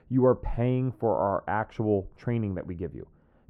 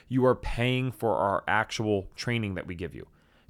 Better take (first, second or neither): second